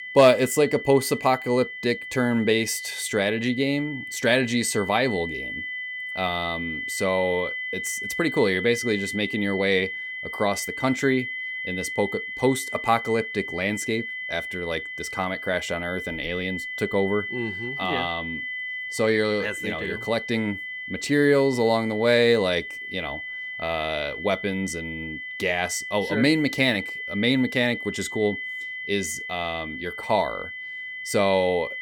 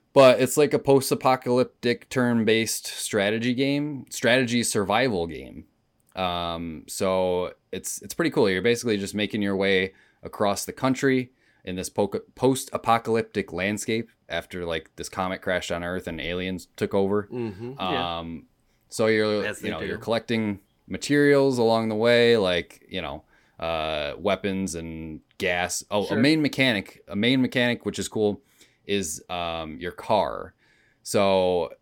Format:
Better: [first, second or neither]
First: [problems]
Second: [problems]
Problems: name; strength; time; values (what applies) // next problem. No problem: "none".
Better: second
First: high-pitched whine; loud; throughout; 2 kHz, 7 dB below the speech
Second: none